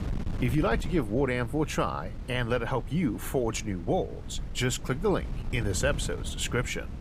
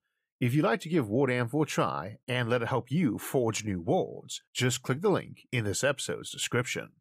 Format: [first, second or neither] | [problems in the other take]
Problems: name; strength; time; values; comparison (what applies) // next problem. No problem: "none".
second | wind noise on the microphone; occasional gusts; 15 dB below the speech